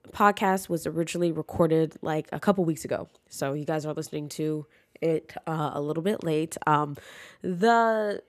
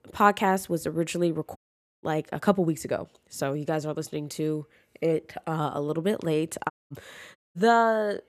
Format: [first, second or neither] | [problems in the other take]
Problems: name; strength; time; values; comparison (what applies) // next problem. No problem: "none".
first | audio cutting out; at 1.5 s, at 6.5 s and at 7.5 s